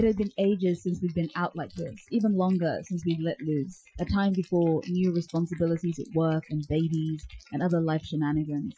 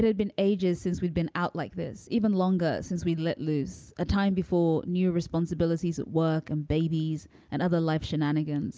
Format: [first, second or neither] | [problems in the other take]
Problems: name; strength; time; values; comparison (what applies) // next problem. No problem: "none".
second | noise reduction (classical method Wiener filter)